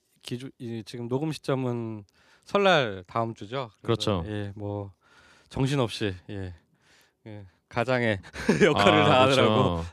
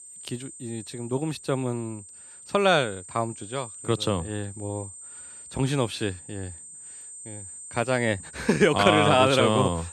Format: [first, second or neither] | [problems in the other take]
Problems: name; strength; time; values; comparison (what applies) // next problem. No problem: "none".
first | high-pitched whine; noticeable; throughout; 8.5 kHz, 15 dB below the speech